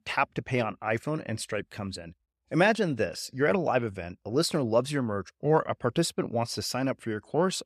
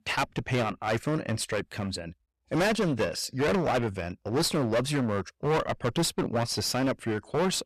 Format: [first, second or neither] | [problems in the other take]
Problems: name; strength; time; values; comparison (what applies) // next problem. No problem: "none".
first | distortion; heavy; 16% of the sound clipped